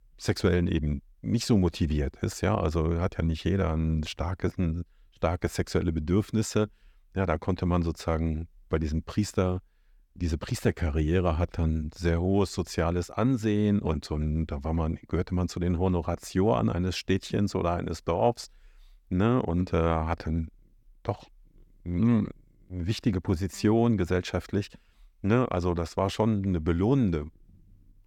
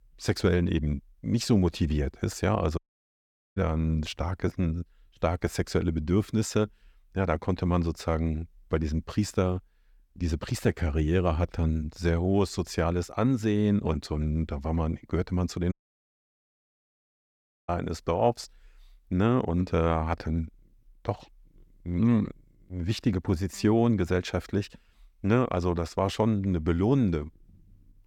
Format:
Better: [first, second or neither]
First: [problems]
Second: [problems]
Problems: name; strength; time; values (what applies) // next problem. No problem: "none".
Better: first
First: none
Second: audio cutting out; at 3 s for 1 s and at 16 s for 2 s